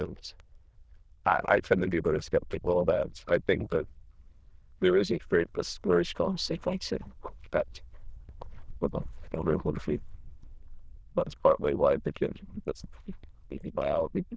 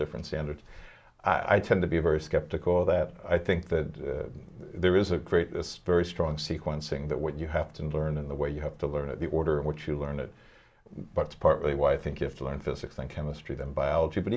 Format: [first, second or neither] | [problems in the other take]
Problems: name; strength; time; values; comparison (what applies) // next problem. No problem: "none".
second | noise reduction (neural diffusion model UNIVERSE++)